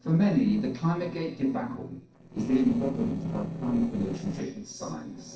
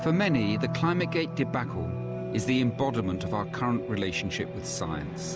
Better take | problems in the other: second | noise reduction (neural separator model SepFormer DNS4)

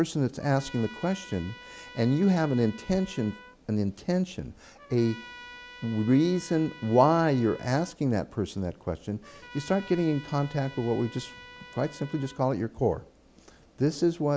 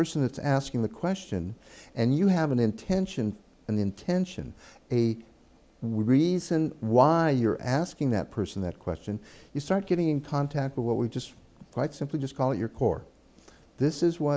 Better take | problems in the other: second | background sound (Trumpet); 20 dB below the speech

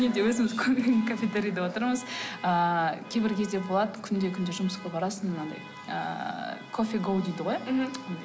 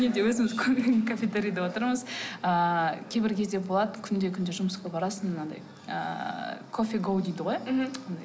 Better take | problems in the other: second | background sound (Alarm); 19 dB below the speech

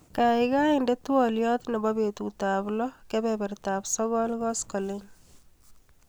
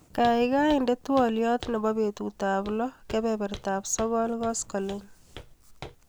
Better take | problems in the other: first | background sound (Walk, footsteps); 19 dB below the speech

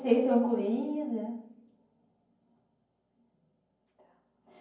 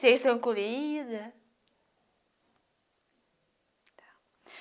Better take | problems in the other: second | room echo; dies away in 0.9 s

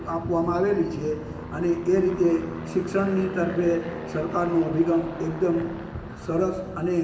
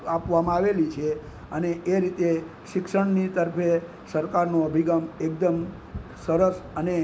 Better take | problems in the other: second | background sound (Aircraft); 12 dB below the speech // room echo; dies away in 1.1 s

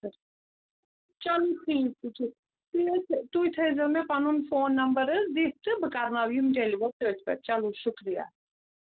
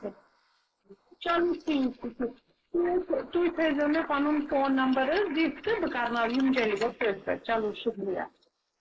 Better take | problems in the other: first | noise reduction (neural mask model Resemble Enhance denoiser)

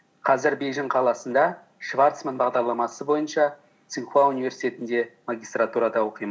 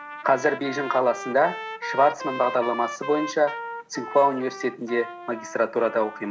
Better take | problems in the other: first | background sound (Trumpet); 11 dB below the speech

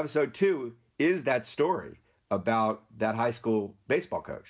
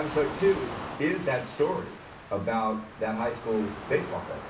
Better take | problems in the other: first | background sound (Waves, surf); 11 dB below the speech // room echo; dies away in 0.3 s

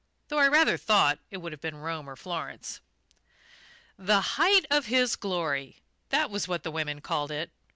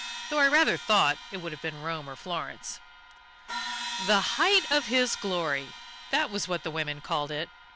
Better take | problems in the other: first | background sound (Crash cymbal); 11 dB below the speech

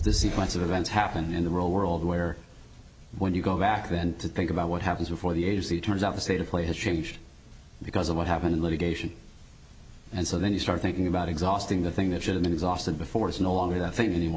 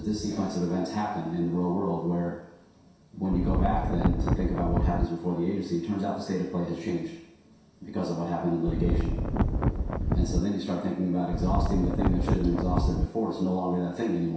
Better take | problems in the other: first | background sound (Wind); 3 dB above the speech // room echo; dies away in 0.7 s

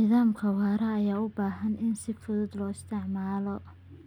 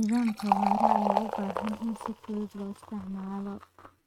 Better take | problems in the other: first | noise reduction (neural mask model RNNoise)

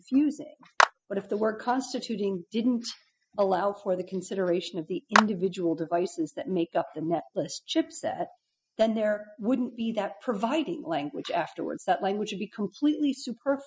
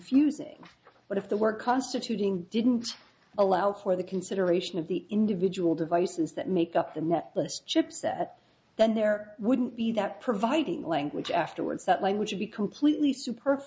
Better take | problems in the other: second | noise reduction (classical method spectral subtraction)

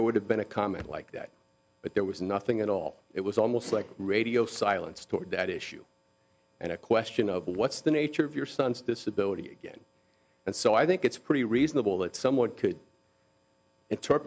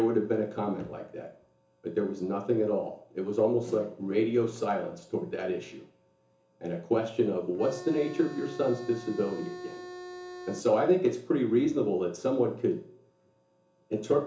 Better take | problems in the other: first | background sound (Organ); 12 dB below the speech // room echo; dies away in 0.7 s

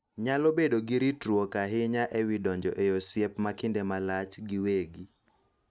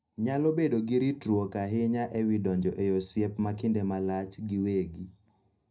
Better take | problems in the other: first | room echo; dies away in 0.4 s

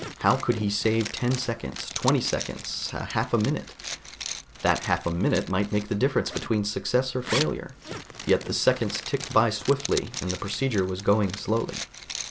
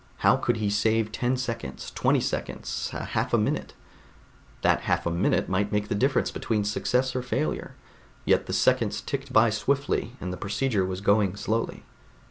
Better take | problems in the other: second | background sound (Zipper (clothing)); 11 dB below the speech

